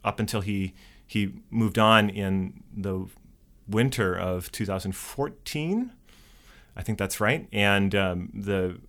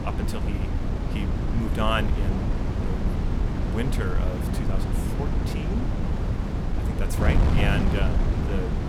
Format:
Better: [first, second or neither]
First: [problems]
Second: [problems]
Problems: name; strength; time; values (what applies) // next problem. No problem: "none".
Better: first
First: none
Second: wind noise on the microphone; heavy; 1 dB below the speech